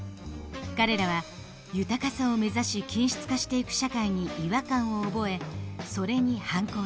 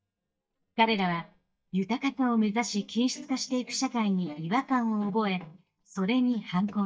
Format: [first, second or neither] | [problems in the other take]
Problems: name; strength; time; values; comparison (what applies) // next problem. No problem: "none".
first | noise reduction (neural mask model DeepFilterNet 3)